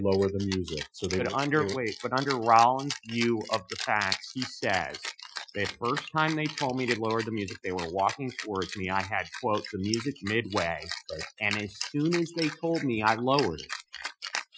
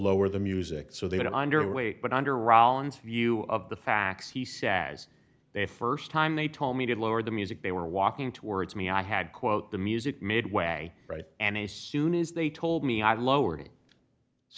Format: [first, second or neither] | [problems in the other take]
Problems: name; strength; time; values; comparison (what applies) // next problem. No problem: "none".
second | noise reduction (classical method Wiener filter)